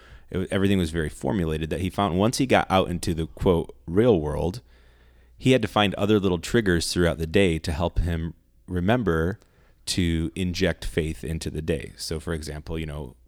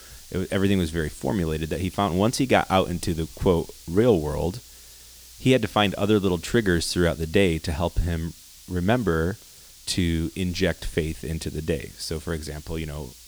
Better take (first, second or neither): first